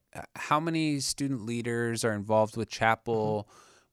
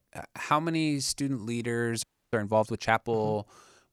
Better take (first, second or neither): first